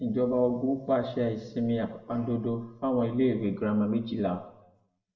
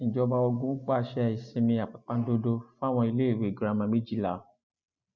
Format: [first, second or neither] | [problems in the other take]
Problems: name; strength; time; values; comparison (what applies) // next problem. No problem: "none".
second | room echo; dies away in 0.7 s